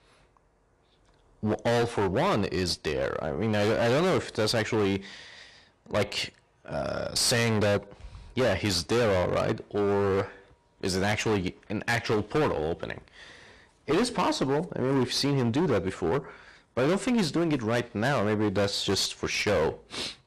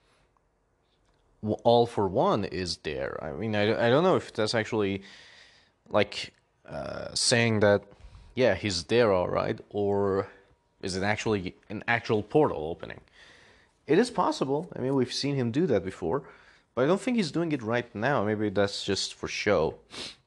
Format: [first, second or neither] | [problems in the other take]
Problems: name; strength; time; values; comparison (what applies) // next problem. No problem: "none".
second | distortion; heavy; 18% of the sound clipped